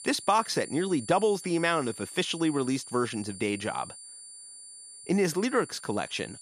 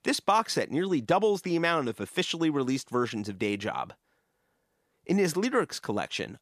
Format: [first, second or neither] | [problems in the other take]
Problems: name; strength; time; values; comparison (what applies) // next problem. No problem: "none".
second | high-pitched whine; noticeable; throughout; 9.5 kHz, 15 dB below the speech